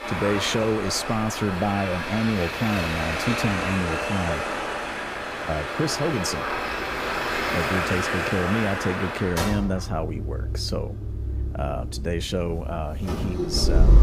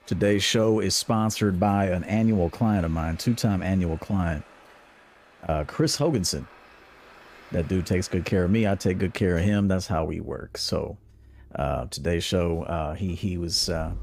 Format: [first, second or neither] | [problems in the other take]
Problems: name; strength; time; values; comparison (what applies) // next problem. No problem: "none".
second | traffic noise; loud; throughout; 1 dB below the speech; faint in the second